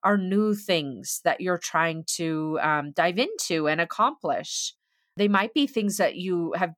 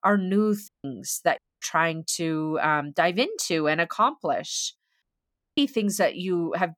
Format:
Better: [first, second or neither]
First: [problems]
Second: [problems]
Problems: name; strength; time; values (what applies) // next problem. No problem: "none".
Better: first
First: none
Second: audio cutting out; at 0.5 s, at 1.5 s and at 5 s for 0.5 s